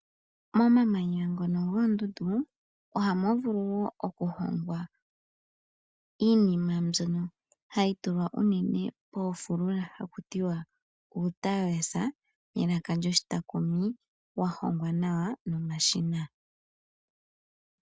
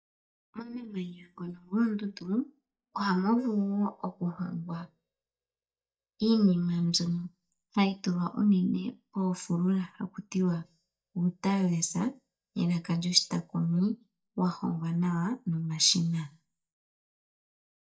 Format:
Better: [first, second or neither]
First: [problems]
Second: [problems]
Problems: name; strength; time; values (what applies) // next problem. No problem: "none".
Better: first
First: none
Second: noise reduction (neural mask model DeepFilterNet 3)